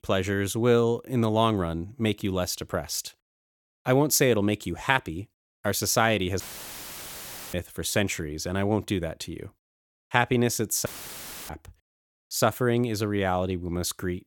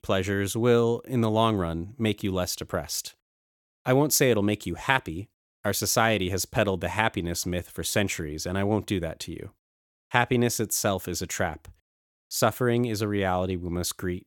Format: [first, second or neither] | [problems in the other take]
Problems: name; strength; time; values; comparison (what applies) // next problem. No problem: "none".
second | audio cutting out; filled with static; at 6.5 s for 1 s and at 11 s for 0.5 s